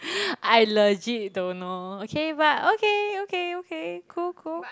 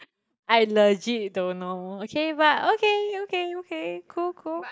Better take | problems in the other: first | noise reduction (neural mask model DeepFilterNet 3)

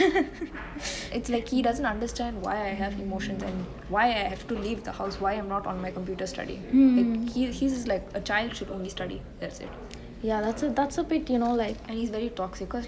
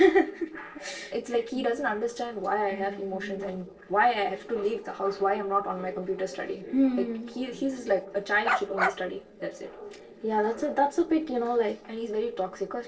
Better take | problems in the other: first | noise reduction (neural separator model SepFormer DNS4)

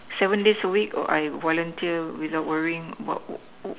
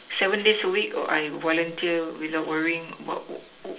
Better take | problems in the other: first | room echo; dies away in 0.2 s

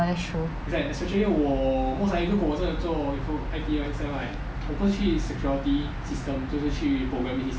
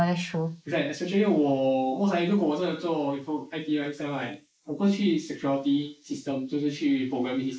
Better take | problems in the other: first | noise reduction (neural mask model Resemble Enhance denoiser)

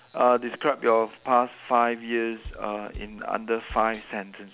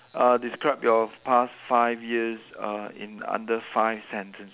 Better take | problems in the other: second | background sound (Bass drum); 18 dB below the speech

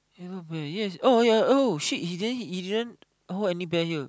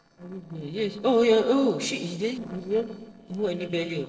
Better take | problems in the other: first | noise reduction (neural separator model SepFormer DNS4)

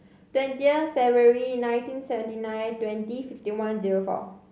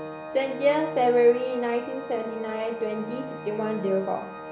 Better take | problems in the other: first | background sound (Organ); 10 dB below the speech

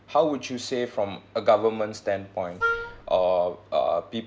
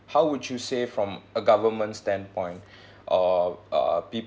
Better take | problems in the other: second | background sound (Wind instrument, woodwind instrument); 5 dB below the speech

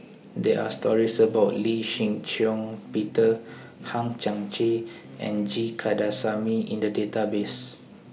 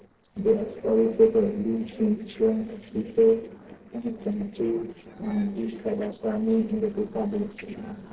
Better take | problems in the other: first | noise reduction (neural separator model SepFormer DNS4)

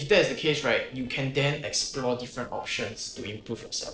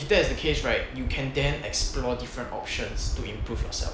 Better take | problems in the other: second | noise reduction (neural separator model SepFormer DNS4)

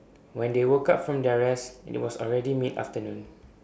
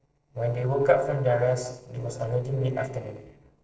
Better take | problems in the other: first | noise reduction (neural separator model SepFormer DNS4)

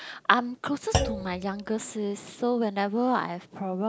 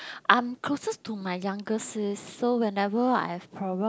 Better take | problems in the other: second | background sound (Thump, thud); 6 dB below the speech

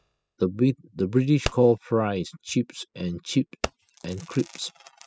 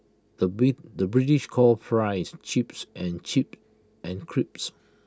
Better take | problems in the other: second | noise reduction (classical method spectral subtraction)

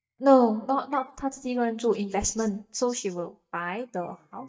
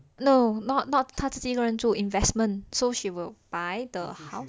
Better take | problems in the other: second | noise reduction (neural mask model DeepFilterNet 3)

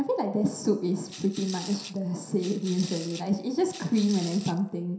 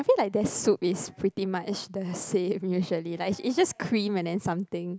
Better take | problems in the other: second | background sound (Rattle / Rattle (instrument)); 15 dB below the speech // room echo; dies away in 0.7 s

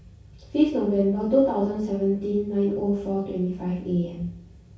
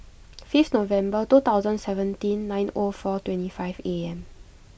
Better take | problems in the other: second | room echo; dies away in 0.6 s

